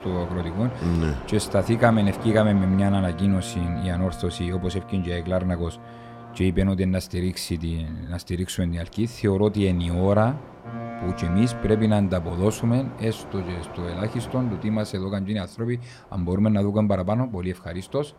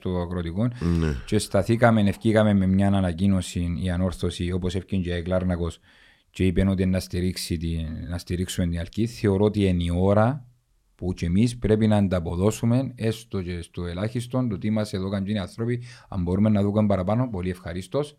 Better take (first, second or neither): second